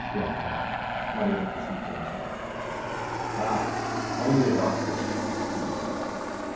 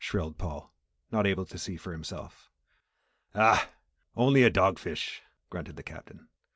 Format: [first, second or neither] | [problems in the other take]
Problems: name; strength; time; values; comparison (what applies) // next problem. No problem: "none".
second | background sound (Aircraft); 1 dB above the speech // room echo; dies away in 1.2 s